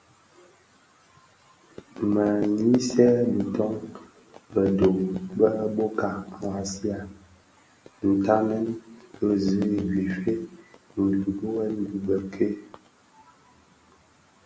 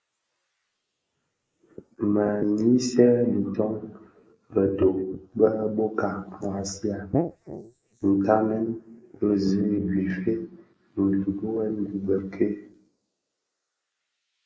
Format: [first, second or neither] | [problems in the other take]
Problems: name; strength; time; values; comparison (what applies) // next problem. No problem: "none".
first | noise reduction (neural mask model Resemble Enhance denoiser)